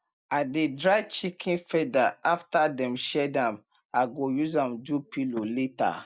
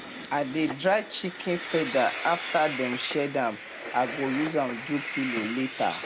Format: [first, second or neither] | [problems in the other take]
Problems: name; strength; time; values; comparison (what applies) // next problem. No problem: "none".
first | background sound (Train); 8 dB below the speech